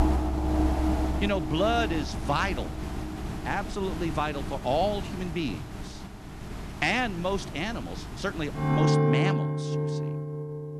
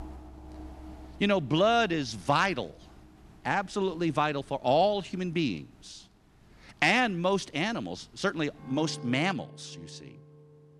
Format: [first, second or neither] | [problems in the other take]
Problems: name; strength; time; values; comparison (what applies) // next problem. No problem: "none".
second | background music; loud; throughout; 1 dB below the speech; faint in the second